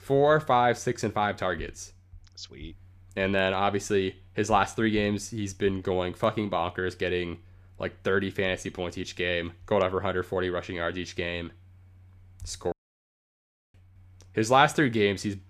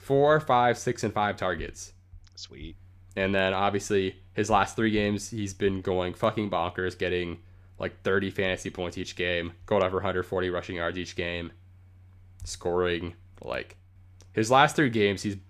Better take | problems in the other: second | audio cutting out; at 13 s for 1 s

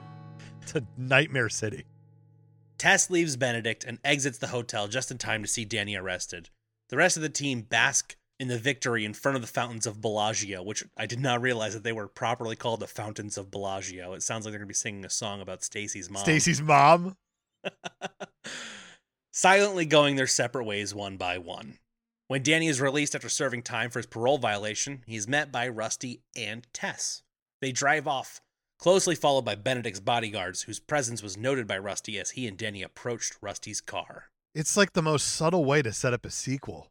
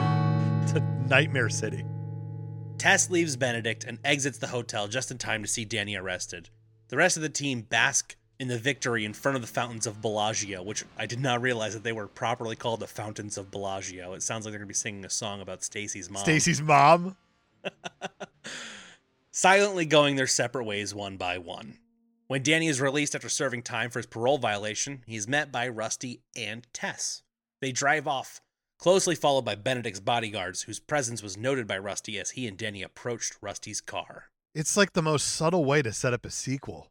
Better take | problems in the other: first | background music; loud; throughout; 5 dB below the speech; faint in the first

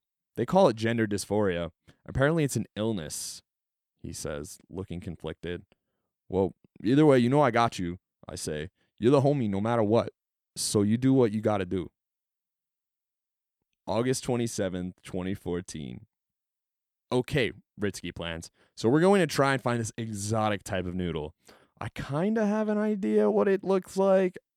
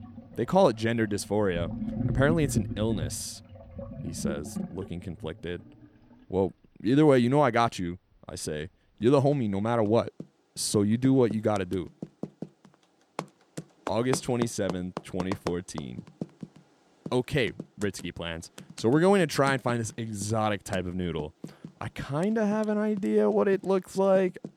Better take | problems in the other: first | household noises; noticeable; throughout; 10 dB below the speech

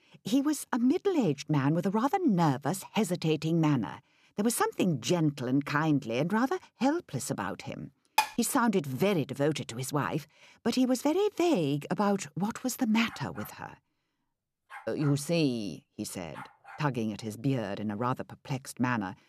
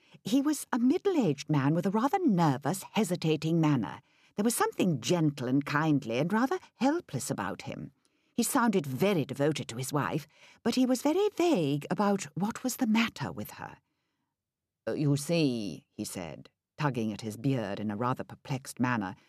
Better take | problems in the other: second | clattering dishes; loud; at 8 s; peak level with the speech // dog barking; faint; from 13 to 17 s; peak 15 dB below the speech

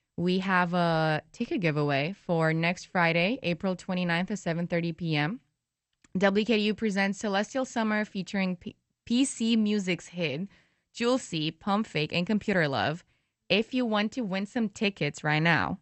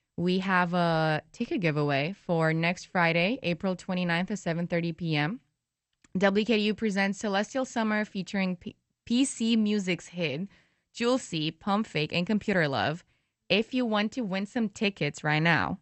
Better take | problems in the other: neither | garbled, watery; slightly; nothing above 8.5 kHz; the same in both

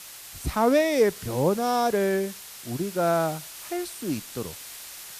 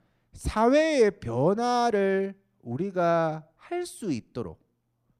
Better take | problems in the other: second | hiss; noticeable; throughout; 15 dB below the speech

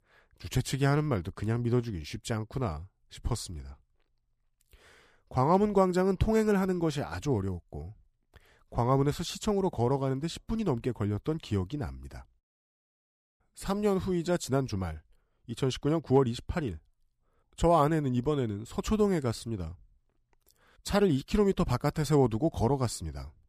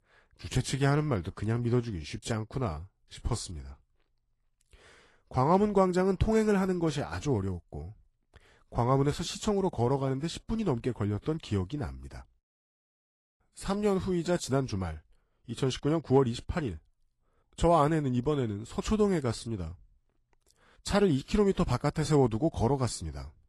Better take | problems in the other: first | garbled, watery; slightly; nothing above 11 kHz

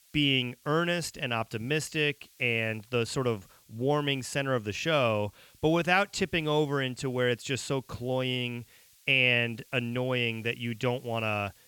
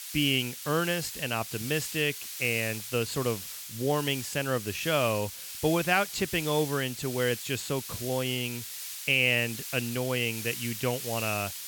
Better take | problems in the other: first | hiss; loud; throughout; 8 dB below the speech; faint in the first

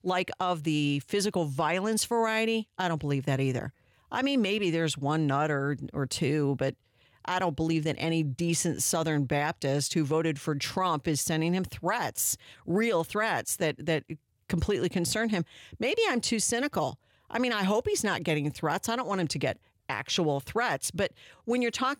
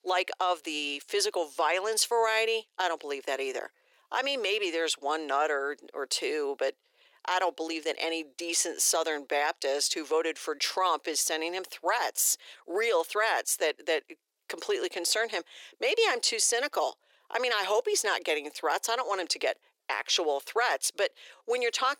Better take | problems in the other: first | thin; very; fading below 400 Hz

